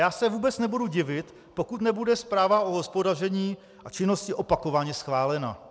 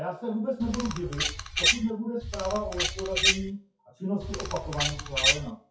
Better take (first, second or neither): first